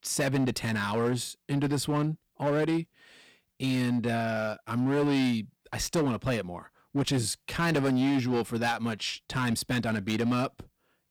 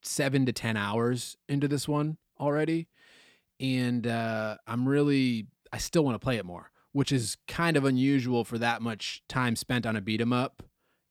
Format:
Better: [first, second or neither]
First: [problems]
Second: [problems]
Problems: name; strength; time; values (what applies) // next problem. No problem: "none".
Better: second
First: distortion; slight; 10% of the sound clipped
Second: none